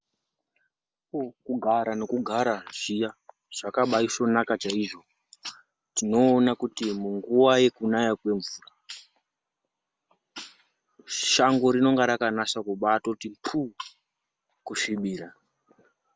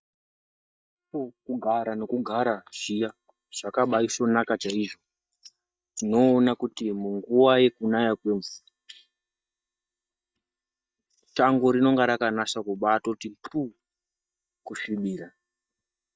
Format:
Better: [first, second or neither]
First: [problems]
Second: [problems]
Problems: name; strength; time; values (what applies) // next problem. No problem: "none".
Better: first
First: none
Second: noise reduction (neural mask model DeepFilterNet 3)